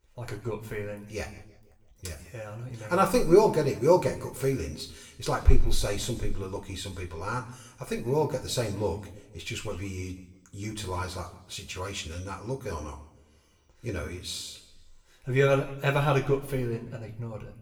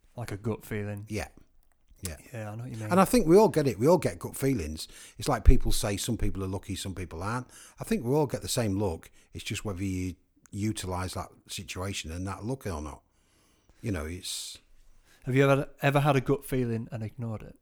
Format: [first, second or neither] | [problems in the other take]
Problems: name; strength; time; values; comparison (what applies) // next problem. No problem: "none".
second | room echo; slight; dies away in 0.7 s // off-mic speech; somewhat distant